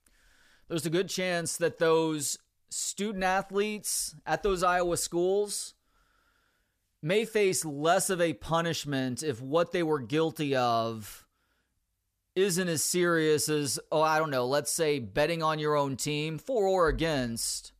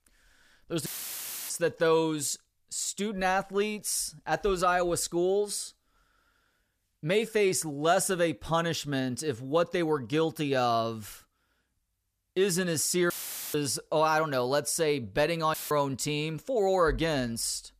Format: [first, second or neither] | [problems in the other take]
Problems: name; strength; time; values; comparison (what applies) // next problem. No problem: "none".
first | audio cutting out; filled with static; at 1 s for 0.5 s, at 13 s and at 16 s